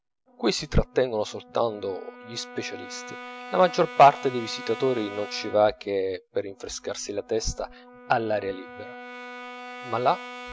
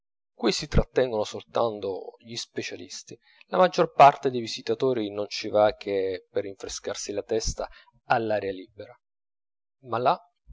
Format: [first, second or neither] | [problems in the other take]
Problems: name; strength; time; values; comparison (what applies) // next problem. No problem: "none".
second | background sound (Brass instrument); 15 dB below the speech